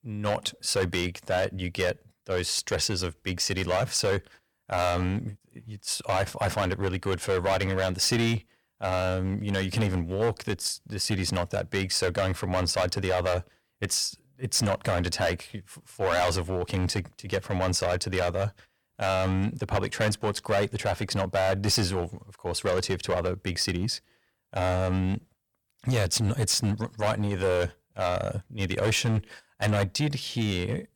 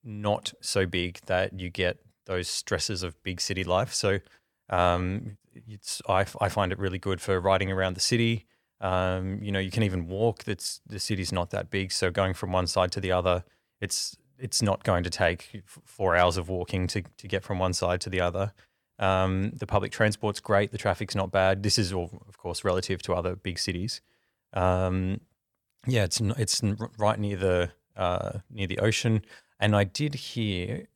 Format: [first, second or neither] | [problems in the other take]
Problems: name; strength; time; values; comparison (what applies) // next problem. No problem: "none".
second | distortion; heavy; 8% of the sound clipped